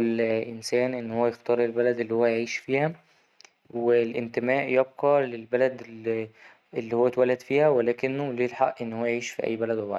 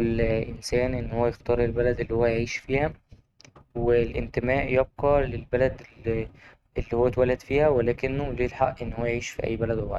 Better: first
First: none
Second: noise reduction (neural mask model RNNoise)

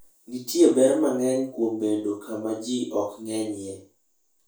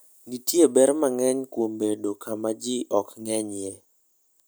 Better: second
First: room echo; dies away in 0.3 s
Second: none

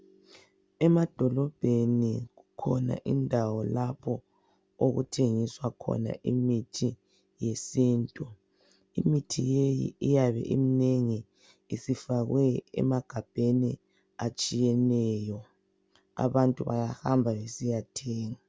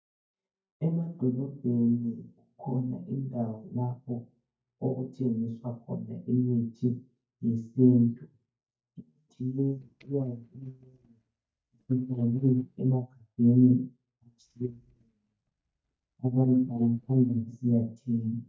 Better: first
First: none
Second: noise reduction (neural mask model DeepFilterNet 3)

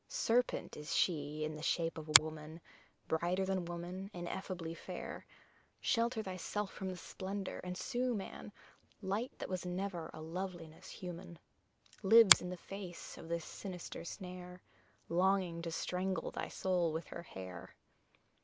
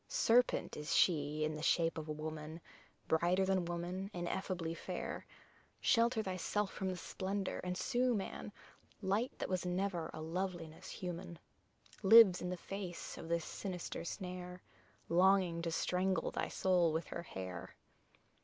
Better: second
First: background sound (Finger snapping); 1 dB above the speech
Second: none

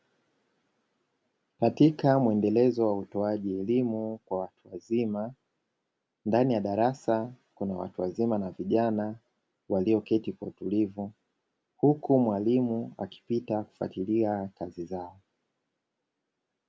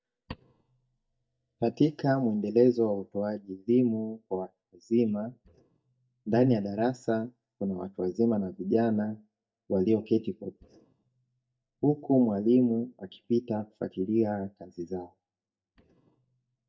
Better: first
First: none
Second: noise reduction (neural mask model DeepFilterNet 3)

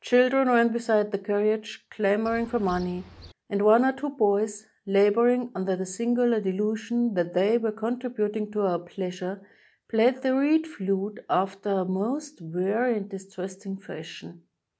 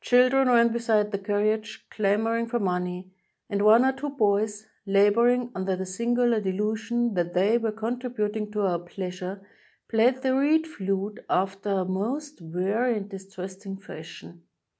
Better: second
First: background sound (Bird); 19 dB below the speech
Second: none

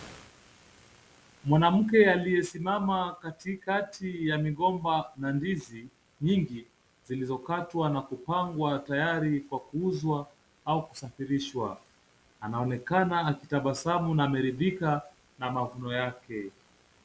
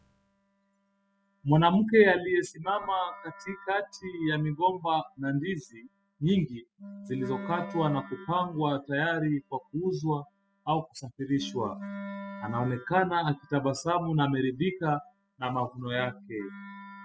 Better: first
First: none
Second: noise reduction (classical method spectral subtraction)

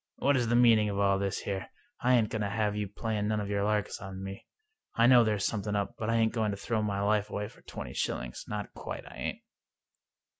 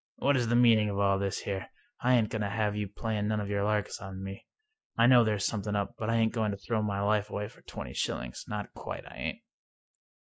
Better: first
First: none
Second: noise reduction (neural mask model Resemble Enhance denoiser)

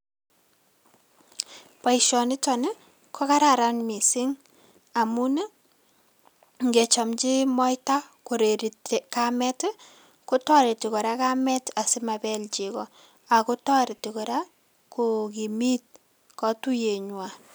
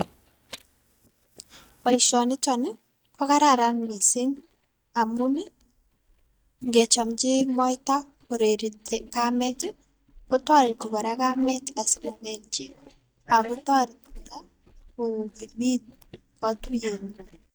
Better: first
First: none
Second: noise reduction (neural mask model DeepFilterNet 3)

